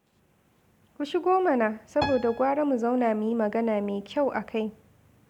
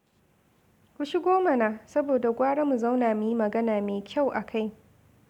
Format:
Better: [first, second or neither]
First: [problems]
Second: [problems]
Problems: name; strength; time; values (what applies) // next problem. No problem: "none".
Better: second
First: background sound (Piano); 13 dB below the speech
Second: none